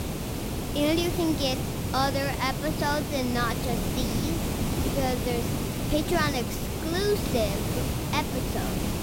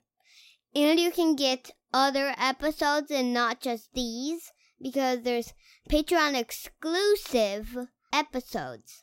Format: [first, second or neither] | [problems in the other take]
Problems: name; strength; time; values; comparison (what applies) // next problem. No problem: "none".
second | hiss; loud; throughout; as loud as the speech